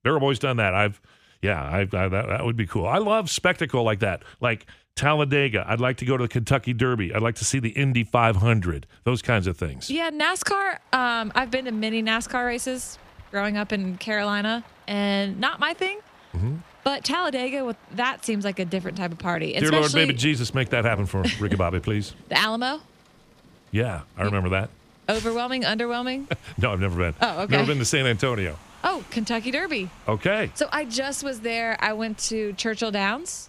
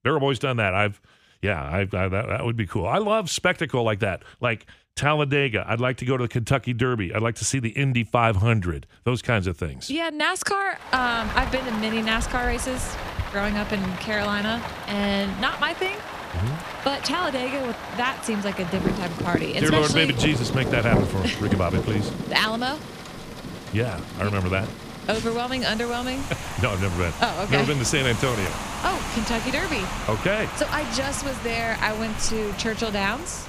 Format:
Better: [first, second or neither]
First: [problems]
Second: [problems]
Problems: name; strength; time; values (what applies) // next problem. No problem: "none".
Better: first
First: rain or running water; faint; from 11 s on; 25 dB below the speech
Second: rain or running water; loud; from 11 s on; 7 dB below the speech